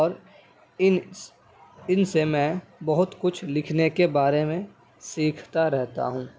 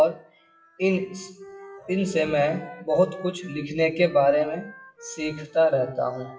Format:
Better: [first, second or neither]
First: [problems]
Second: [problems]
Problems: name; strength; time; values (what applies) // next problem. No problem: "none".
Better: first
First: none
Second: noise reduction (classical method WPE with log-MMSE)